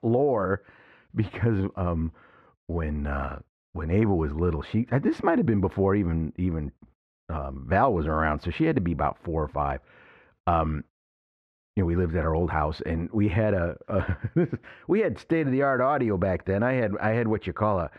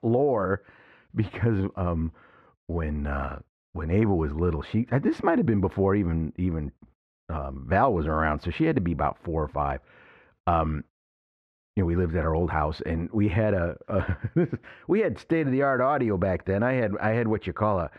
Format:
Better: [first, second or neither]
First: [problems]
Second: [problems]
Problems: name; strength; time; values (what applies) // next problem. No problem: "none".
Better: neither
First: muffled; very; fading above 1.5 kHz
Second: muffled; very; fading above 1.5 kHz